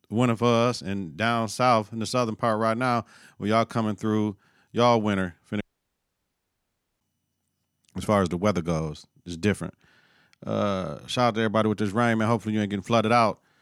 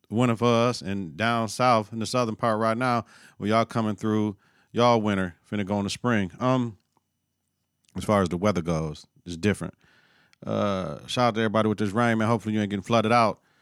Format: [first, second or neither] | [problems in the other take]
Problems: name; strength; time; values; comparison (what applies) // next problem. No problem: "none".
second | audio cutting out; at 5.5 s for 1.5 s